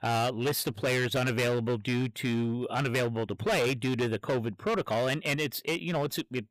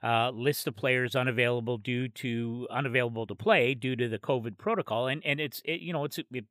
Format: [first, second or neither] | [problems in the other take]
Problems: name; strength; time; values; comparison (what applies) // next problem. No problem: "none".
second | distortion; heavy; 18% of the sound clipped